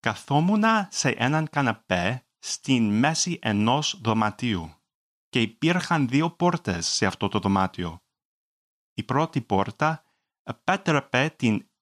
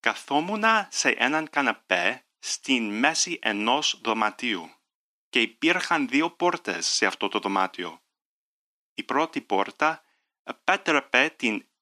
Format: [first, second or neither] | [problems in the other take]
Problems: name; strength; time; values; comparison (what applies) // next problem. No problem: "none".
first | thin; somewhat; fading below 300 Hz